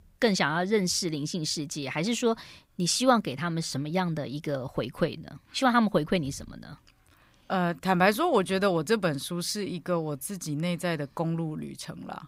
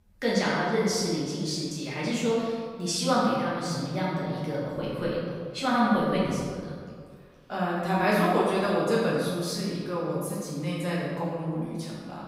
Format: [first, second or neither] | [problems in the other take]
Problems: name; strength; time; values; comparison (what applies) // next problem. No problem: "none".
first | room echo; strong; dies away in 1.6 s // off-mic speech; far